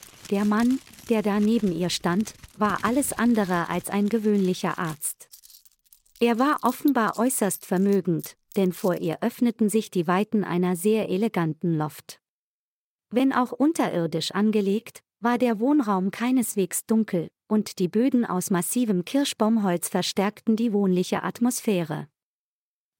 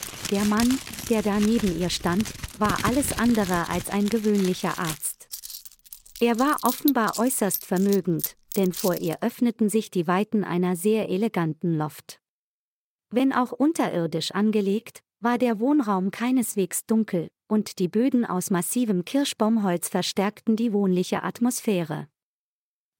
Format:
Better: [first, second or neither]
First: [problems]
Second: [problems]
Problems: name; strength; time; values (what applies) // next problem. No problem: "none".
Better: first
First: household noises; faint; until 9 s; 20 dB below the speech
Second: household noises; loud; until 9 s; 9 dB below the speech